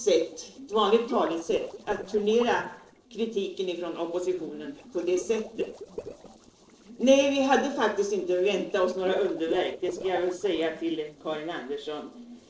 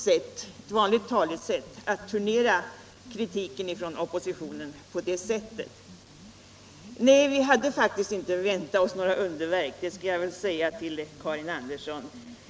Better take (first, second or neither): second